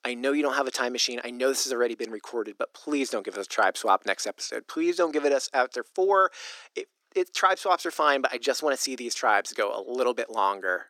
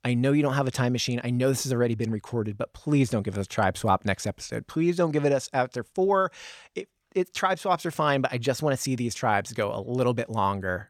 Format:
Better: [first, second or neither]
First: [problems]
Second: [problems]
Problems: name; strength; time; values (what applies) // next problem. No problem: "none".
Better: second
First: thin; somewhat; fading below 300 Hz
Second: none